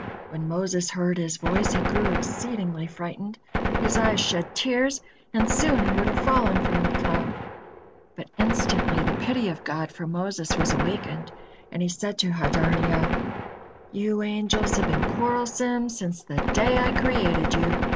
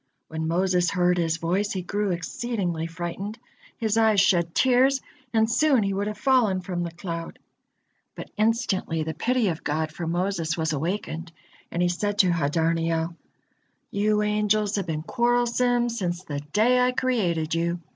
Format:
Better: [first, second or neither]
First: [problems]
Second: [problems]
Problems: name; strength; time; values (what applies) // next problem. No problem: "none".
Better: second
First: background sound (Gunshot, gunfire); as loud as the speech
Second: none